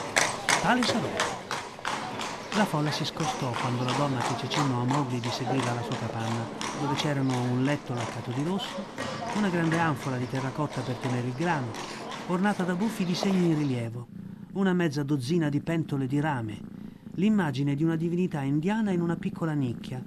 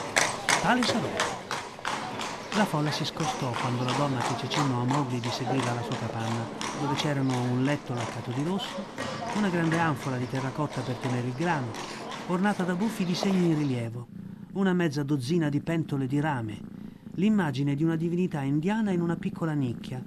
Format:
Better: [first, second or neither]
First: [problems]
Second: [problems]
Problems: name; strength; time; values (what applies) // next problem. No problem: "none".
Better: neither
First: animal sounds; loud; throughout; 5 dB below the speech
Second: animal sounds; loud; throughout; 5 dB below the speech